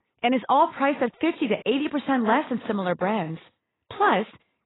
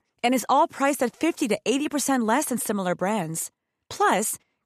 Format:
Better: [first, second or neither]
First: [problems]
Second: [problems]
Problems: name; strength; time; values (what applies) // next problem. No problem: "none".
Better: second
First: garbled, watery; badly; nothing above 4 kHz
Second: none